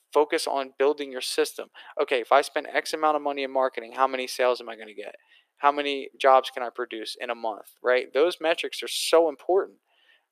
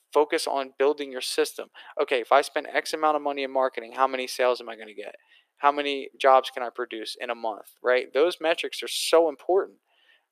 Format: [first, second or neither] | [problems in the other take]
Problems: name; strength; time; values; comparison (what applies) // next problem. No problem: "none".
neither | thin; very; fading below 400 Hz; the same in both